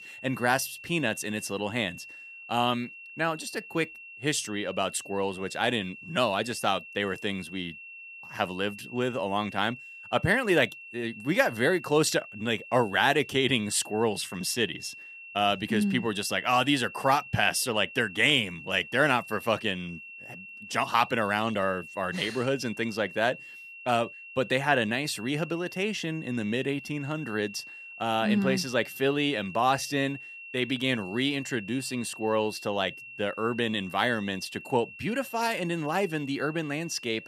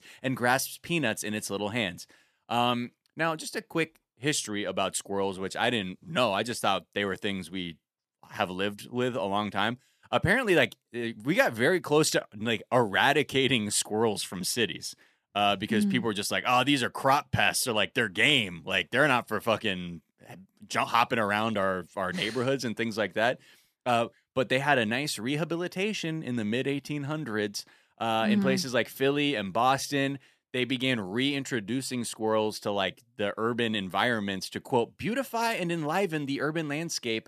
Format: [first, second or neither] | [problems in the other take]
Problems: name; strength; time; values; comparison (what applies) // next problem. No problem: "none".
second | high-pitched whine; noticeable; throughout; 2.5 kHz, 15 dB below the speech